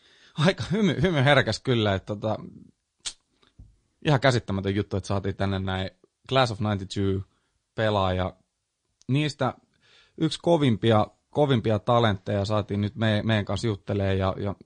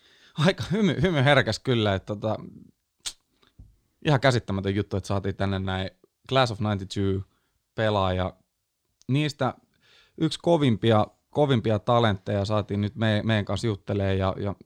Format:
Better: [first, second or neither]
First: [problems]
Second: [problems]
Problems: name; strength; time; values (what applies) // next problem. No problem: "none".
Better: second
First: garbled, watery; slightly; nothing above 9 kHz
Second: none